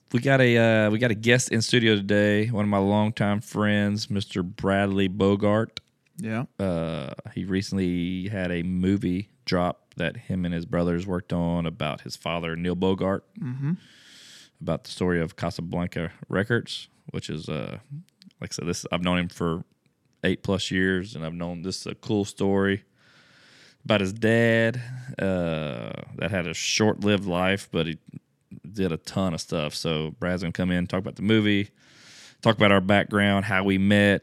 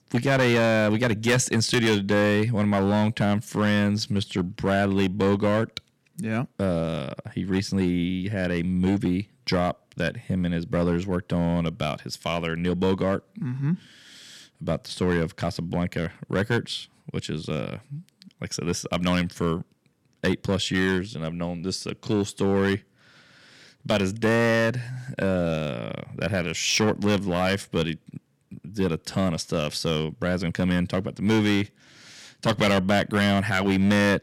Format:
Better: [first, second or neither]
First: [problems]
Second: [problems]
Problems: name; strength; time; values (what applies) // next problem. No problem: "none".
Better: first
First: none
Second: distortion; slight; 4% of the sound clipped